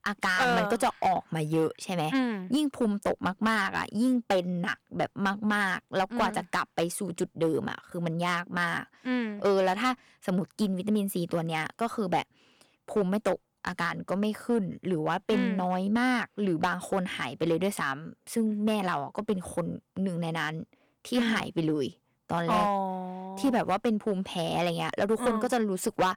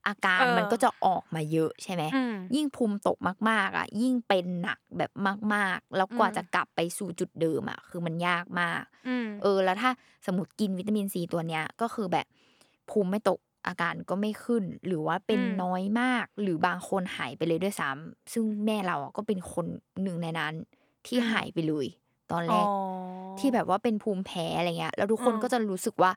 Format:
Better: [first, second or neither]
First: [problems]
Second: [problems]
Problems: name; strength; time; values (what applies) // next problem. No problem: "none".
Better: second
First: distortion; slight; 4% of the sound clipped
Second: none